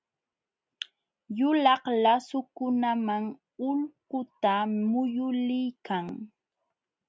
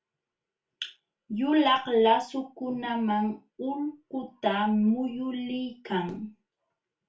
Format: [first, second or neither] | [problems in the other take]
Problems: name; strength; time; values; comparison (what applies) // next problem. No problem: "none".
first | room echo; dies away in 0.3 s